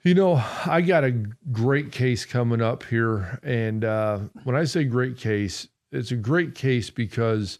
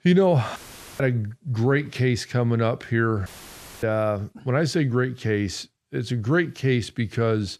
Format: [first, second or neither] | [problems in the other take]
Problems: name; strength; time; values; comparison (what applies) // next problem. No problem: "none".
first | audio cutting out; filled with static; at 0.5 s and at 3.5 s for 0.5 s